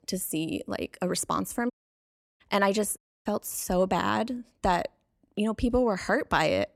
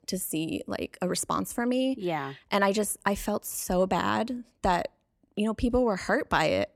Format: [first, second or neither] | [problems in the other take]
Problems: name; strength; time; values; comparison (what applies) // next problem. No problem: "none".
second | audio cutting out; at 1.5 s for 0.5 s and at 3 s